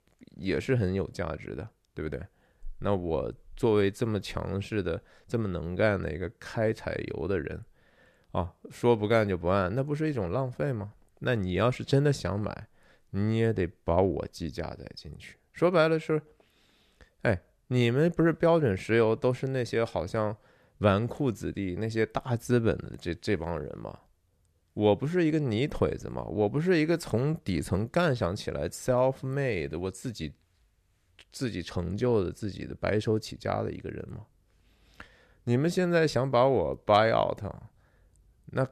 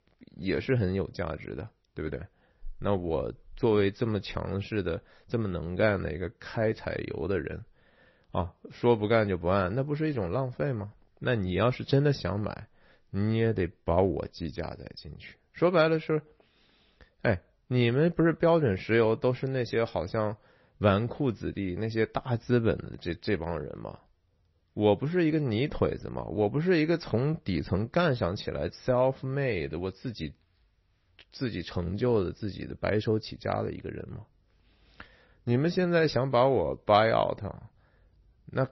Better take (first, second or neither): first